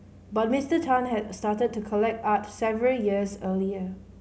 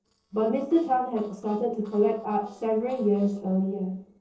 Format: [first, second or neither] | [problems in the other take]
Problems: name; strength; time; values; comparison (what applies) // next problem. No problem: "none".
first | noise reduction (neural separator model SepFormer DNS4)